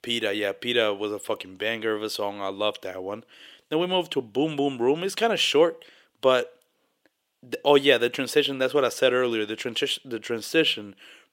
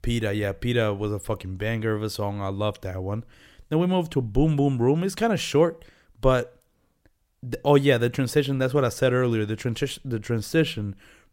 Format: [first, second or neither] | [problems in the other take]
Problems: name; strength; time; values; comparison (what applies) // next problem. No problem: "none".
second | thin; somewhat; fading below 400 Hz